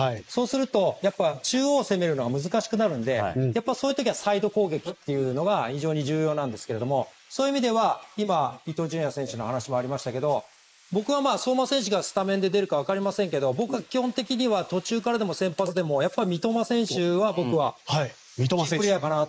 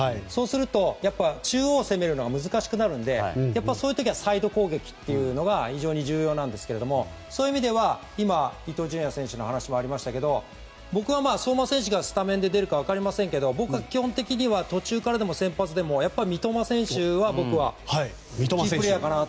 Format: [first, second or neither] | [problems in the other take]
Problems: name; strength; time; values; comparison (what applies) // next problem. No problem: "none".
second | noise reduction (neural mask model Resemble Enhance denoiser)